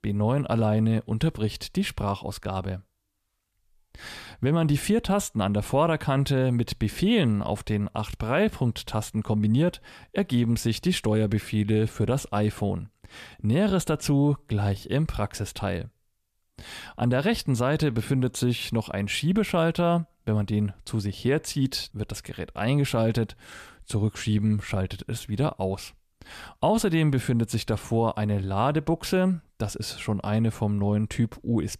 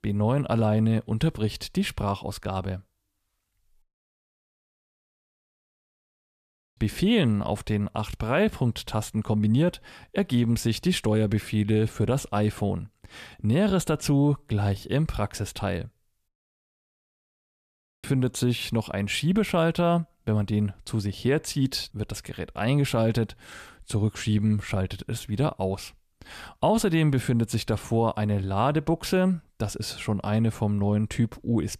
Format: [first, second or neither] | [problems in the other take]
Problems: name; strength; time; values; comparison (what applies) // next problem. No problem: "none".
first | audio cutting out; at 4 s for 3 s and at 16 s for 2 s